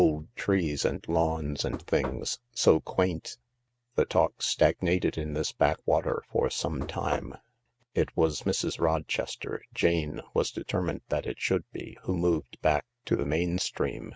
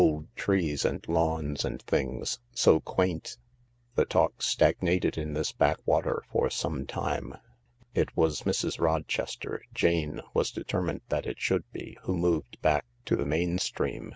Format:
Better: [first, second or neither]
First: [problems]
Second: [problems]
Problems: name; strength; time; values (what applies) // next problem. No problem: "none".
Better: second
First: noise reduction (neural mask model RNNoise)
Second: none